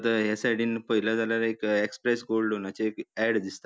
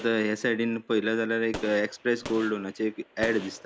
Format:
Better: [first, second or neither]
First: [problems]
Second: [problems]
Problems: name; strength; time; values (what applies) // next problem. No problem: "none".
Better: first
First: none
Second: background sound (Gunshot, gunfire); 16 dB below the speech